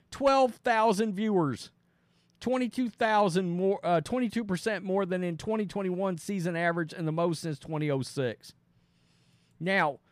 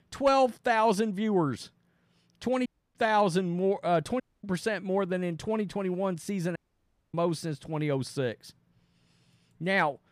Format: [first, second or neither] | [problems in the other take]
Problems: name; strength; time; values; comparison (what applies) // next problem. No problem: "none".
first | audio cutting out; at 2.5 s, at 4 s and at 6.5 s for 0.5 s